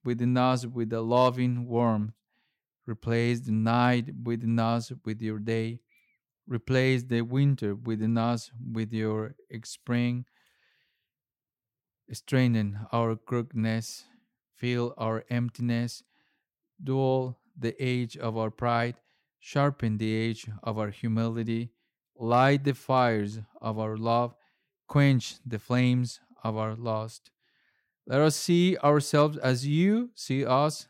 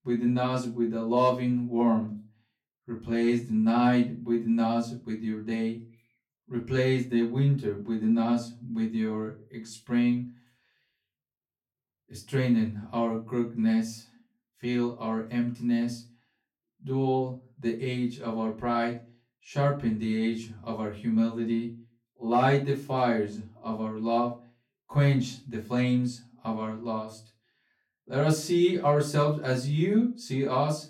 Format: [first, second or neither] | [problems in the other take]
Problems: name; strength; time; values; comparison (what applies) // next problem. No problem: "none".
first | off-mic speech; far // room echo; slight; dies away in 0.3 s